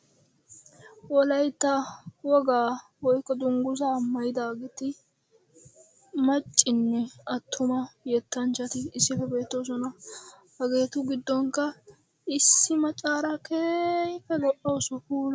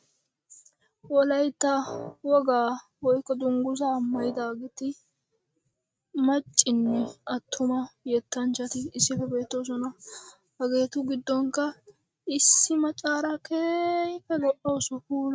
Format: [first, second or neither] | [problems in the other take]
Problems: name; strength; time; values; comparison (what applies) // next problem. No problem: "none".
first | noise reduction (neural mask model RNNoise)